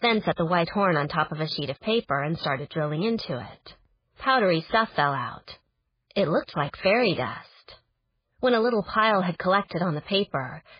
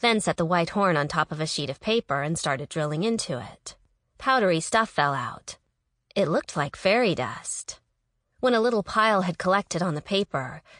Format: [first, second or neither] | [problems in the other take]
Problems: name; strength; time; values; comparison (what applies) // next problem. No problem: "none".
second | garbled, watery; badly; nothing above 4.5 kHz; slightly in the second